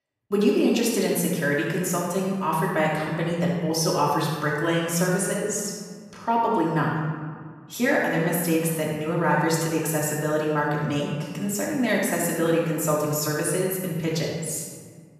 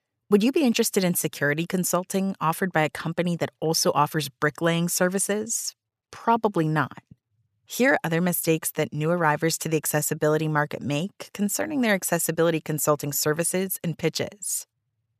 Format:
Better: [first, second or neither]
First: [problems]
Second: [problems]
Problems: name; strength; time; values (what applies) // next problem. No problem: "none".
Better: second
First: room echo; noticeable; dies away in 1.5 s // off-mic speech; far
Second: none